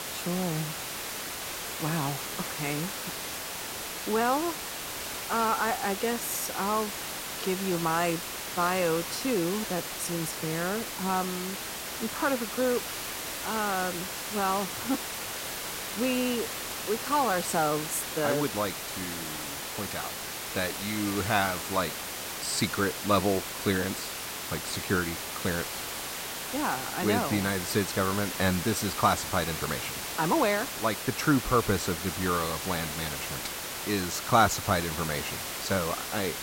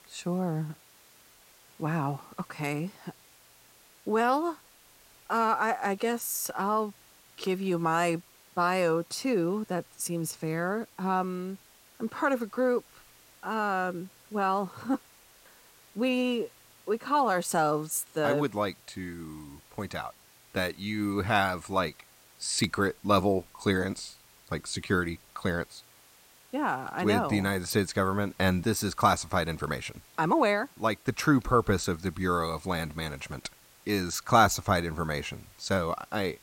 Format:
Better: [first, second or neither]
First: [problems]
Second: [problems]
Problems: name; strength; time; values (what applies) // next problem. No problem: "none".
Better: second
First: hiss; loud; throughout; 4 dB below the speech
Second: hiss; faint; throughout; 25 dB below the speech